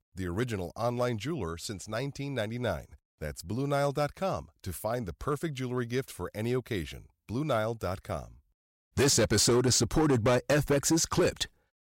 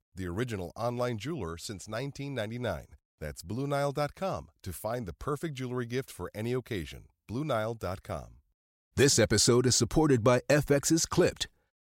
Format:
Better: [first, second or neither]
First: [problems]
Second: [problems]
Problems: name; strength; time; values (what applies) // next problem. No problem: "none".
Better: second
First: distortion; slight; 4% of the sound clipped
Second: none